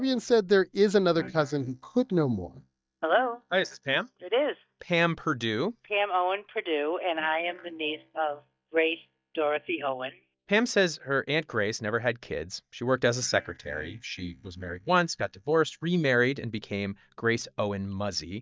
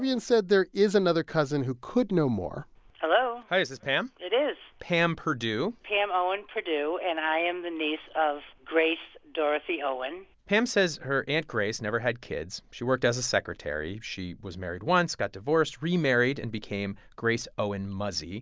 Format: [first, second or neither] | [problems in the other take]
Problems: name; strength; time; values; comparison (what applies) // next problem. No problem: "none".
second | noise reduction (neural mask model DeepFilterNet 3)